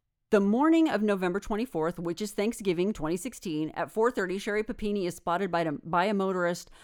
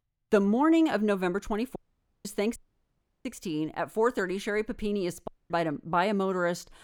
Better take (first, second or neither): first